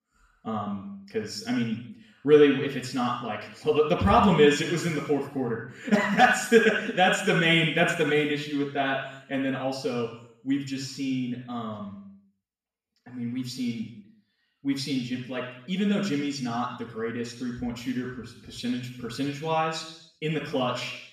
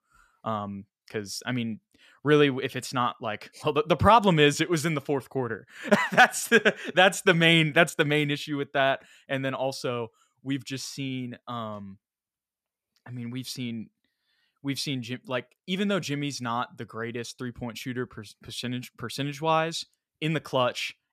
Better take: second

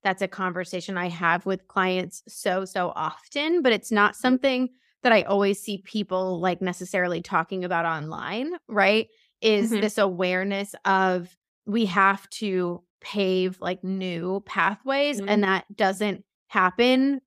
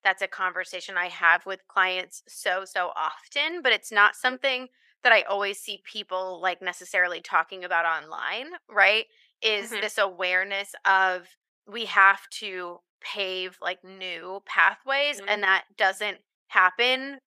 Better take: first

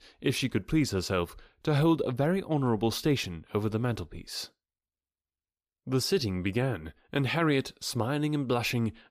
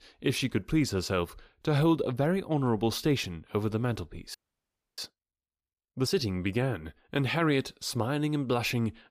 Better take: first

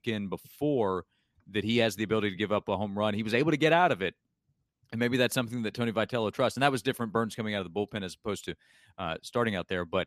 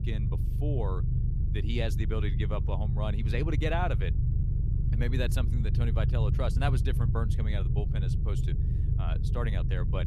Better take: first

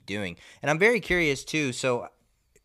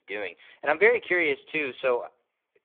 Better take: first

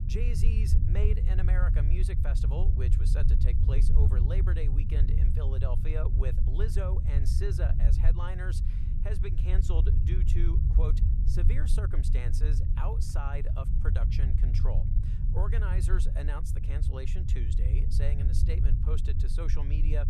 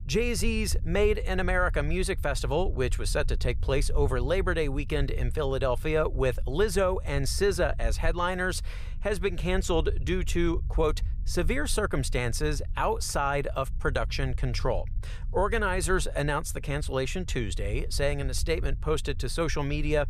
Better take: second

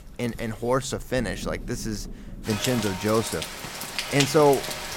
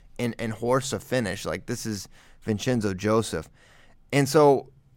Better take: second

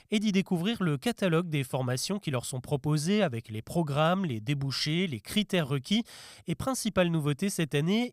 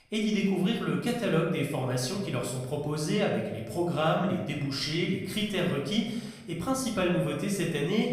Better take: first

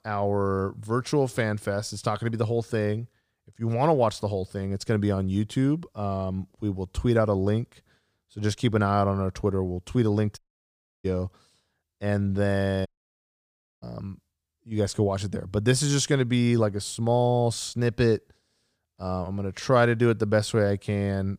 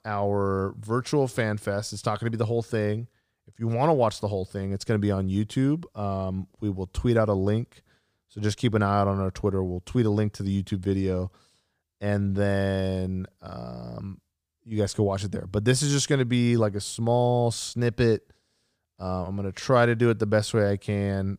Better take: second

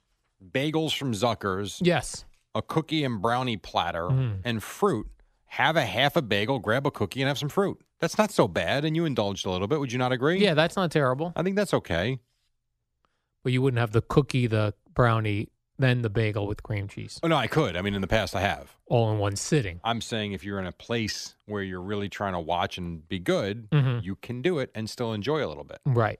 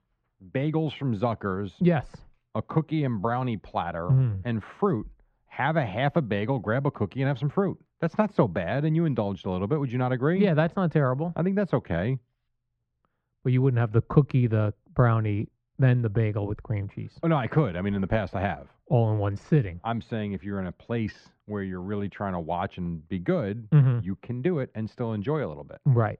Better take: first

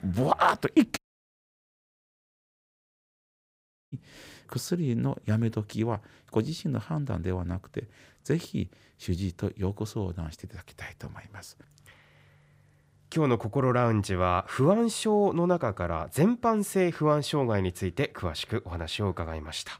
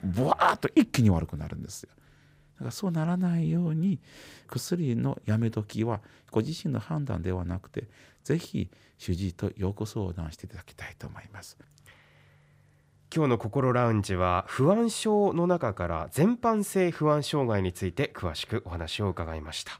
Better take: second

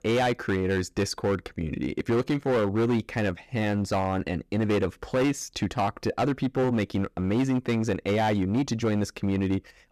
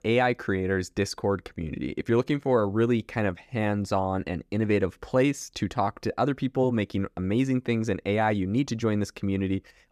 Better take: second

